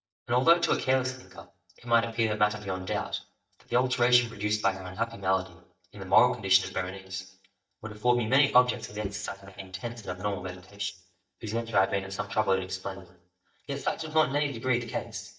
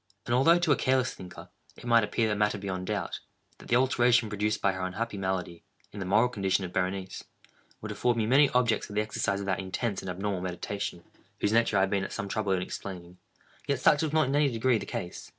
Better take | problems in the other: second | noise reduction (neural mask model DeepFilterNet 3)

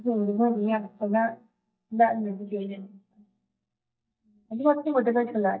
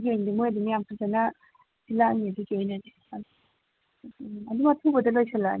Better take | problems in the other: second | noise reduction (neural mask model DeepFilterNet 3)

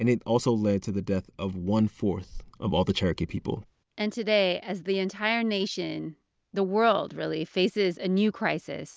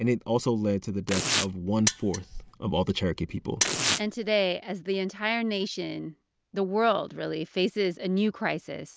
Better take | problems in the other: first | background sound (Mechanisms + Tearing); 2 dB below the speech

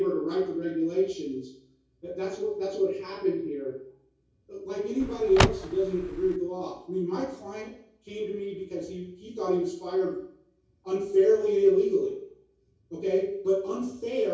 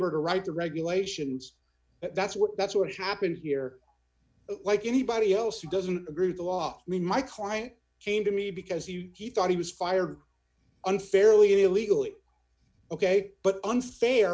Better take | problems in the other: second | background sound (Car); as loud as the speech // room echo; dies away in 0.6 s

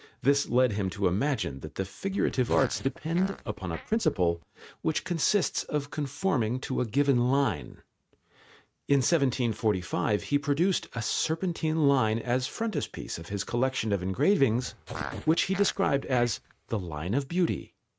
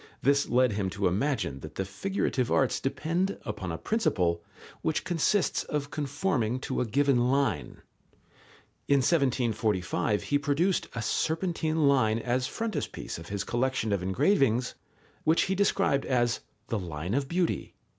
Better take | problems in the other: second | noise reduction (neural mask model RNNoise)

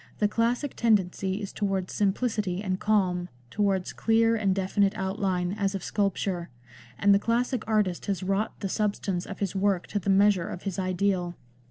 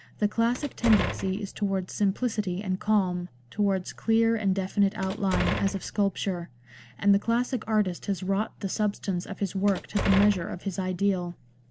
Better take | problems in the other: first | background sound (Door); 7 dB below the speech

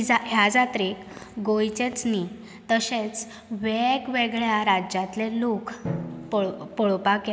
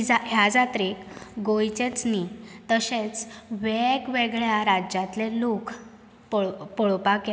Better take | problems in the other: second | background sound (Drum); 17 dB below the speech

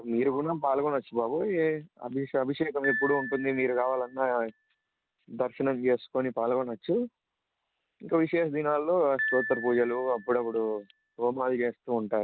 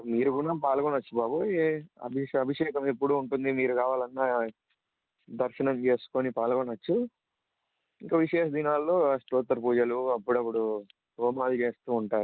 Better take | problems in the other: second | background sound (Piano); 13 dB below the speech

